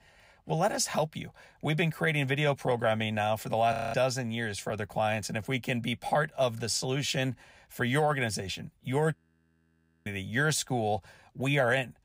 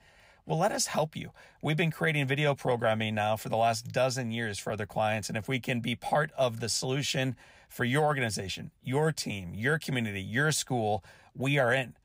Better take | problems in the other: second | audio freezing; at 3.5 s and at 9 s for 1 s

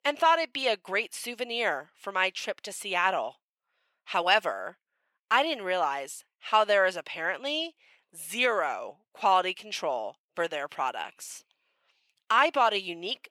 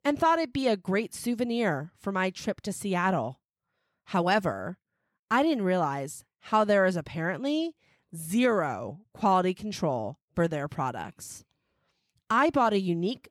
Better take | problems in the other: second | thin; very; fading below 650 Hz

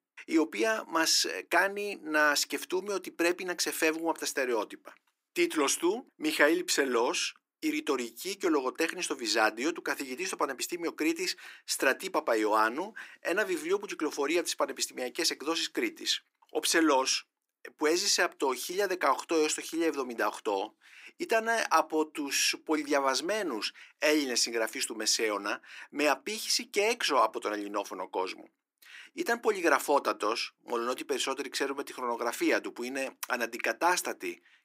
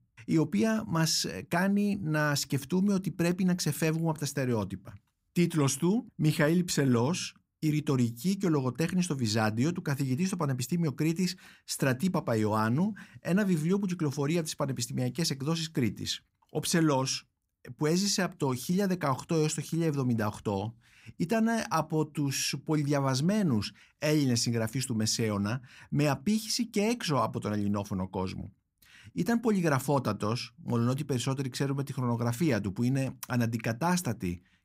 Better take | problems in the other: second | thin; very; fading below 350 Hz

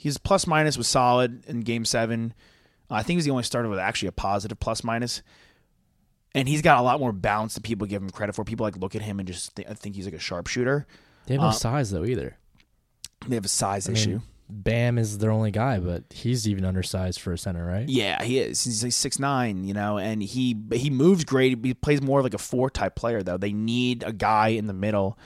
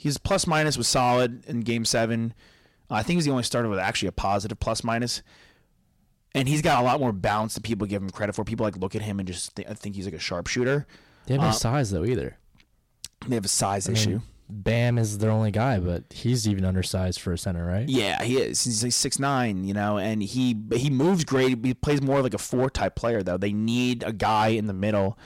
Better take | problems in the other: first | distortion; slight; 5% of the sound clipped

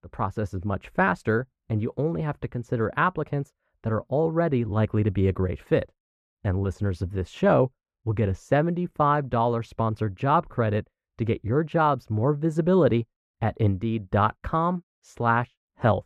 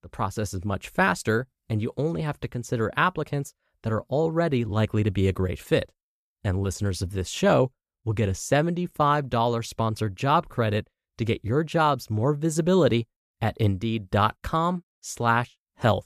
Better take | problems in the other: second | muffled; very; fading above 3 kHz

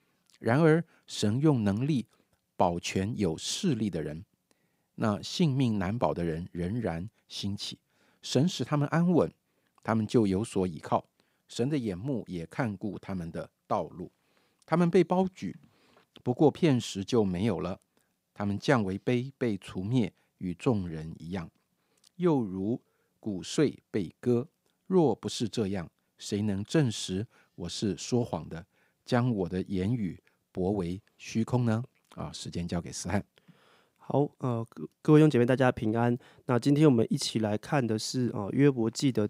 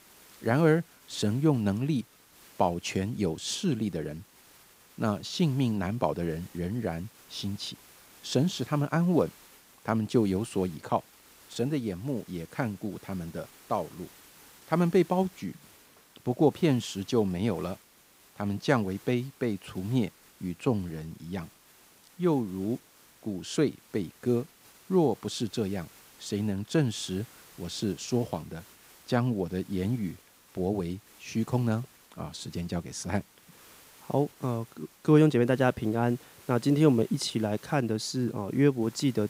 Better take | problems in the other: first | hiss; faint; throughout; 25 dB below the speech

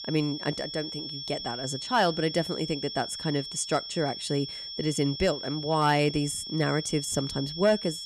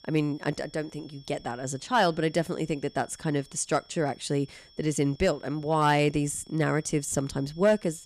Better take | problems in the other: second | high-pitched whine; loud; throughout; 5.5 kHz, 7 dB below the speech; faint in the second

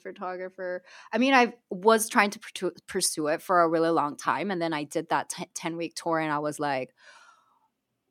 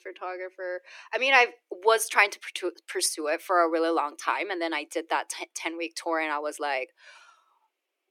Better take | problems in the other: first | thin; very; fading below 350 Hz

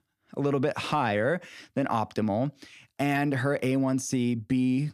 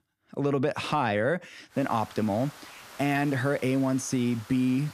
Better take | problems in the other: first | hiss; noticeable; from 1.5 s on; 20 dB below the speech

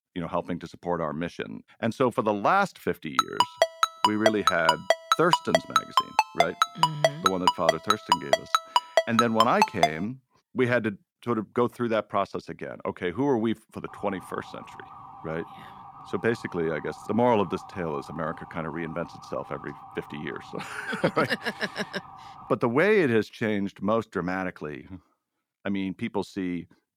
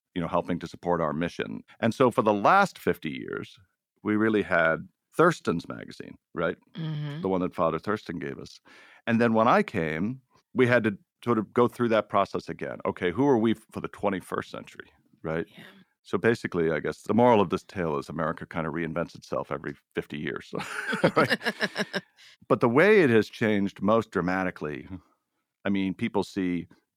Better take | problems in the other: second | phone ringing; loud; from 3 to 10 s; peak 5 dB above the speech // siren; faint; from 14 to 23 s; peak 15 dB below the speech

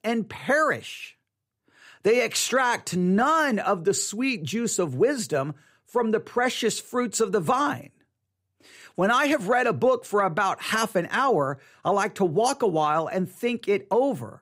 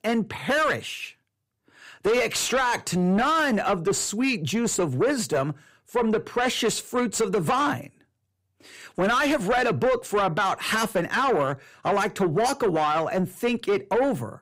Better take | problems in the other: first | distortion; slight; 10 dB below the speech

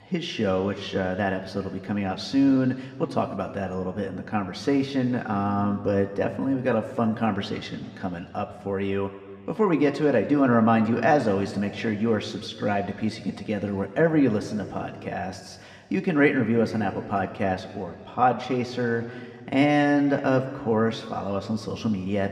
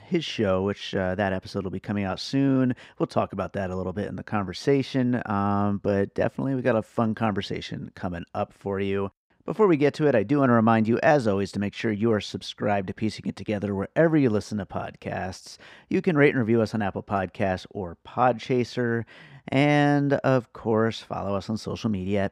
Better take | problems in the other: second | room echo; slight; dies away in 1.7 s

